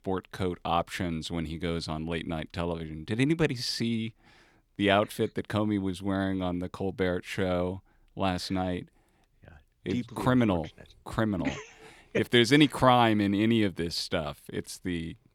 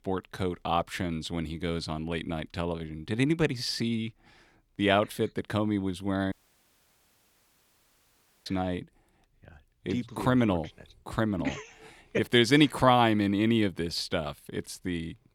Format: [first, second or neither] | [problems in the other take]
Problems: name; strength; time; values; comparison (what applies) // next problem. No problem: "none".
first | audio cutting out; at 6.5 s for 2 s